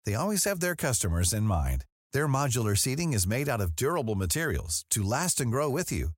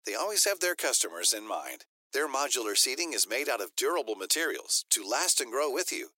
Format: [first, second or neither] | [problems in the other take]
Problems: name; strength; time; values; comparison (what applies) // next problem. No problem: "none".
first | thin; very; fading below 300 Hz